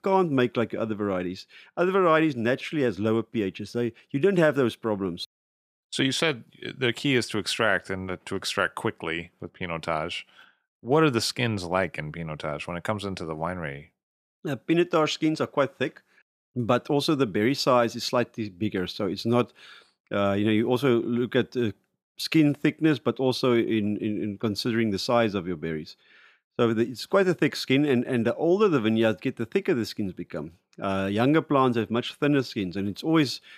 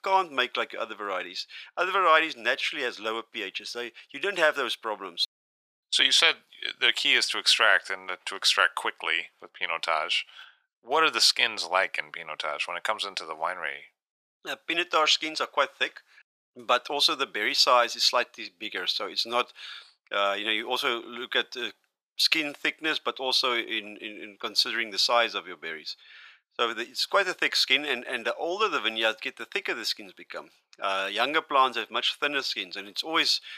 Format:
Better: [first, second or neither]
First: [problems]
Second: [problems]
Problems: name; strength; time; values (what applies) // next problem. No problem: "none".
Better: first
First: none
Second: thin; very; fading below 850 Hz